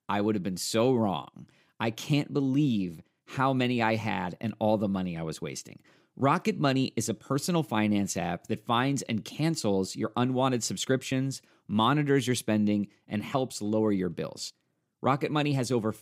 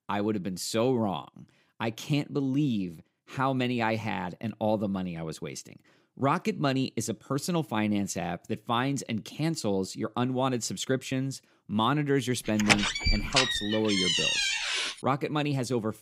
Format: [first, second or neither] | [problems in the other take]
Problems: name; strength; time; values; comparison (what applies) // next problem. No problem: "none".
first | door banging; loud; from 13 to 15 s; peak 6 dB above the speech